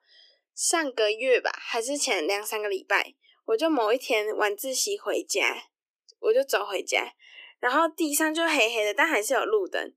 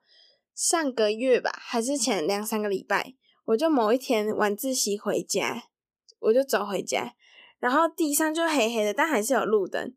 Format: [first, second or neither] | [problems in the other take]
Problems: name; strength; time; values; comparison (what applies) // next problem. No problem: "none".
second | thin; somewhat; fading below 300 Hz